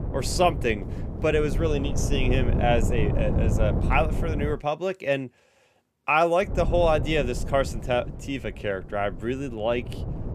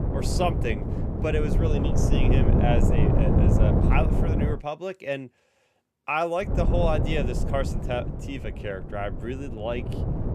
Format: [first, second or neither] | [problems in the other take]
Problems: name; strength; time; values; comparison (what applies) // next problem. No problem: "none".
first | wind noise on the microphone; heavy; until 4.5 s and from 6.5 s on; 2 dB below the speech; occasional gusts in the first